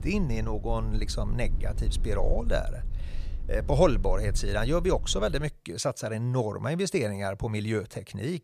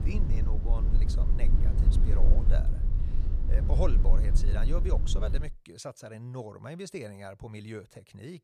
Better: first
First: low rumble; faint; until 5.5 s; 20 dB below the speech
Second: low rumble; loud; until 5.5 s; 5 dB below the speech

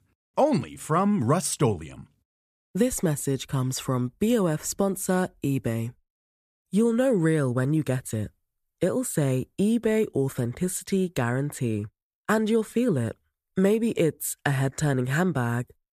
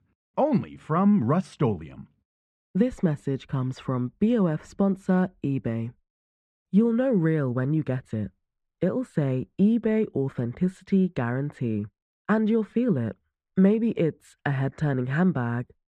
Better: first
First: none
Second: muffled; very; fading above 2.5 kHz

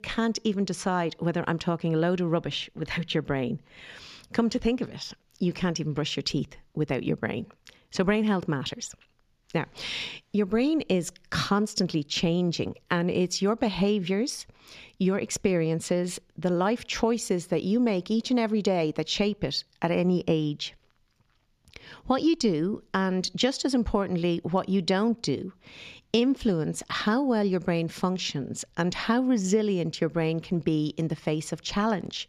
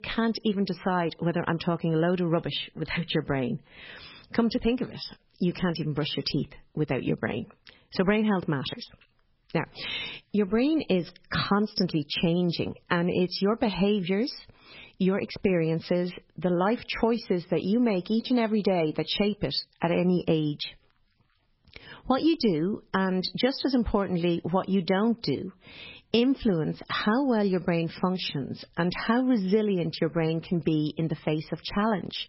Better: first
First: none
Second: garbled, watery; badly; nothing above 5.5 kHz

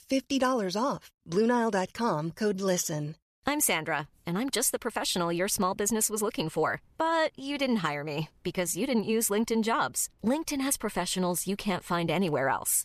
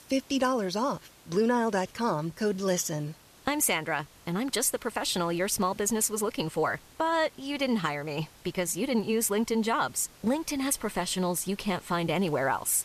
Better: first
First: none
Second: hiss; faint; throughout; 25 dB below the speech

